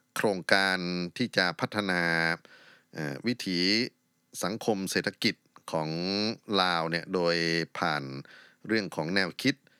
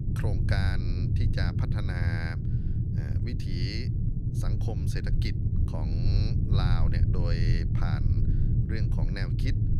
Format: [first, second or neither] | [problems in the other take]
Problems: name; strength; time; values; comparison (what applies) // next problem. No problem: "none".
first | low rumble; loud; throughout; 1 dB below the speech